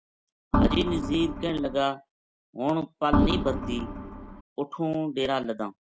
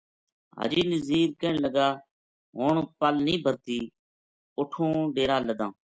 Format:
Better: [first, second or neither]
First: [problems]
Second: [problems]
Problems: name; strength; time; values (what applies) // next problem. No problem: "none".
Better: second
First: background sound (Organ); 2 dB above the speech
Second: none